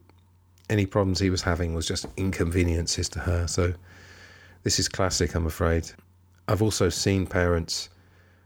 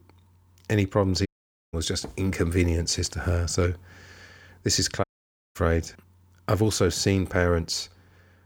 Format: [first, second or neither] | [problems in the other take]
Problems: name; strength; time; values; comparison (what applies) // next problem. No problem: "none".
first | audio cutting out; at 1.5 s and at 5 s for 0.5 s